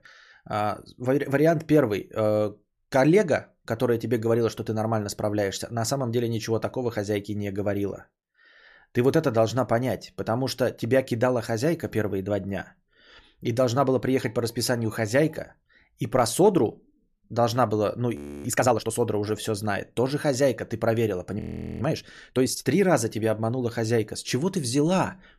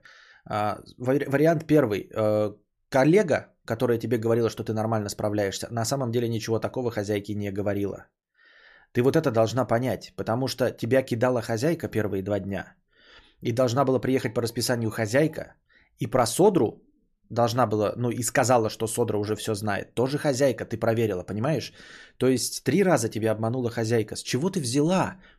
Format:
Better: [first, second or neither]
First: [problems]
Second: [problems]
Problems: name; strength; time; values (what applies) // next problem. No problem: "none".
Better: second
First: audio freezing; at 18 s and at 21 s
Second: none